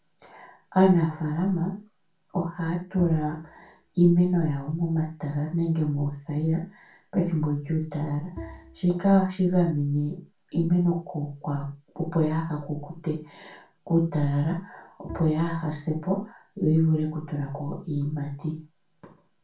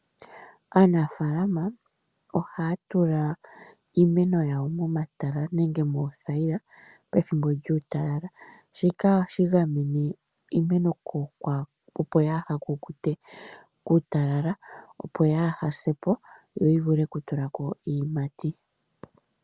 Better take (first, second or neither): second